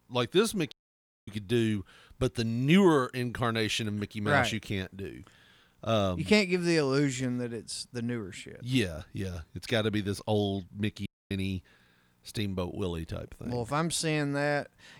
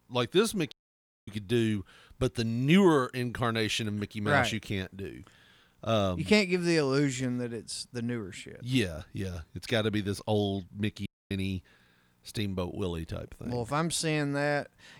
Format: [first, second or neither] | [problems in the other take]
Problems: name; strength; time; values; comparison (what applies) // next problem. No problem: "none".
neither | audio cutting out; at 0.5 s for 0.5 s and at 11 s; the same in both